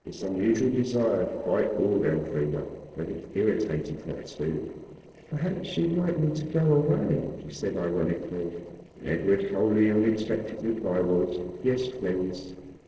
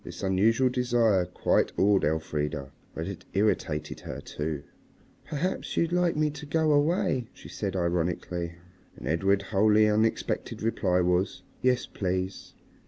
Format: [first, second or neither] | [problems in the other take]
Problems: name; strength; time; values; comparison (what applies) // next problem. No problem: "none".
second | noise reduction (neural separator model SepFormer DNS4)